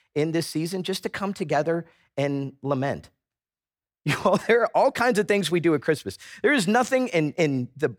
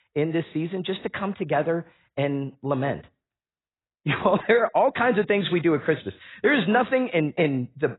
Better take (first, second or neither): first